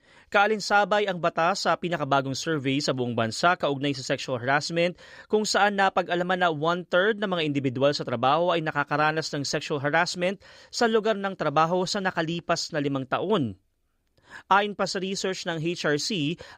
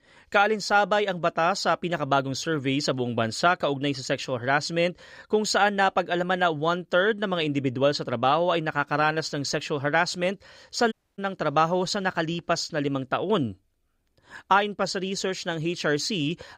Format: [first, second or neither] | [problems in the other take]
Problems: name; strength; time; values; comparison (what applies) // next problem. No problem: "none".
first | audio cutting out; at 11 s